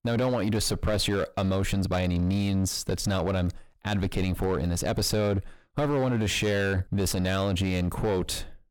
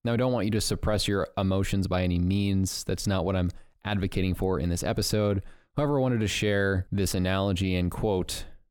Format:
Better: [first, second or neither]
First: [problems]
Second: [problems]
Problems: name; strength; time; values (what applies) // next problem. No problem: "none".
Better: second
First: distortion; slight; 13% of the sound clipped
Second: none